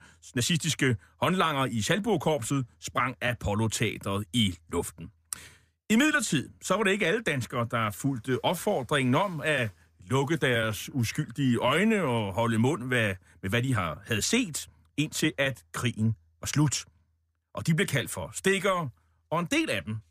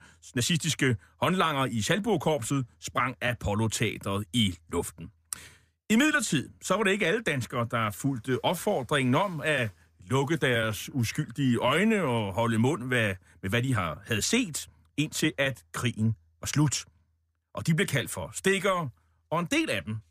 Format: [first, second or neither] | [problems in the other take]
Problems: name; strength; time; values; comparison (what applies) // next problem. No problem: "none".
neither | none